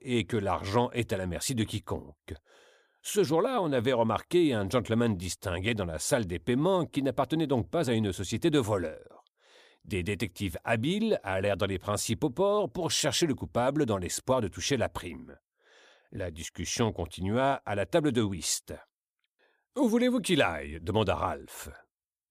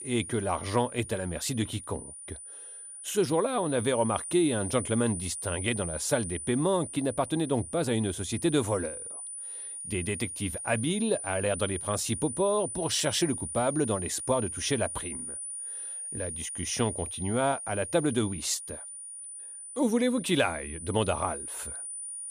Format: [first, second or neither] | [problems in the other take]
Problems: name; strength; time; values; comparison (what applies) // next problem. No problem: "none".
first | high-pitched whine; loud; throughout; 9.5 kHz, 7 dB below the speech